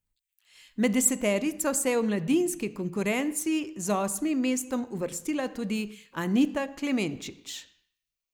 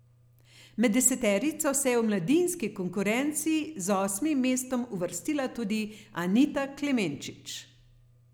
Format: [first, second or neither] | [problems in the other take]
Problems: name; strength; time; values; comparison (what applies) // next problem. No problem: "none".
second | noise reduction (neural mask model Resemble Enhance denoiser)